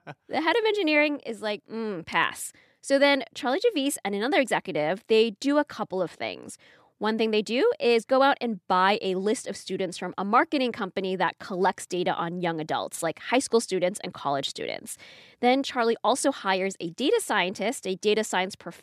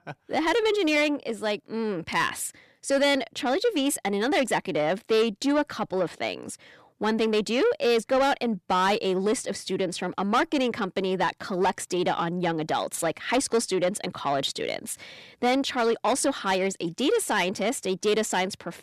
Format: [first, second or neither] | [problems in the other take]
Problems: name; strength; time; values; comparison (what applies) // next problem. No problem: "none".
first | distortion; slight; 10 dB below the speech